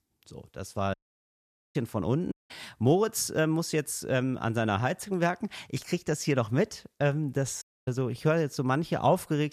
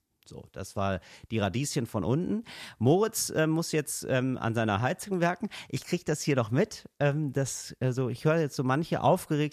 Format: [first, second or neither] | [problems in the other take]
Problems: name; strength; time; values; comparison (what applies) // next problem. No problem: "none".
second | audio cutting out; at 1 s for 1 s, at 2.5 s and at 7.5 s